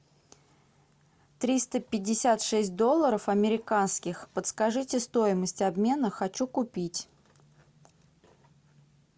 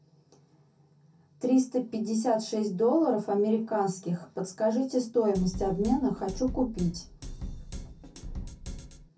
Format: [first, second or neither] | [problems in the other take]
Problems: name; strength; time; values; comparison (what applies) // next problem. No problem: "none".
first | background sound (Drum kit); 10 dB below the speech // room echo; dies away in 0.3 s